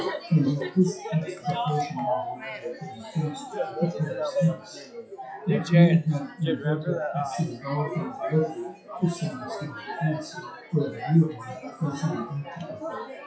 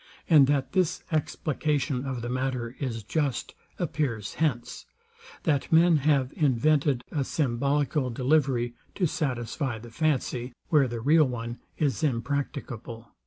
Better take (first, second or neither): second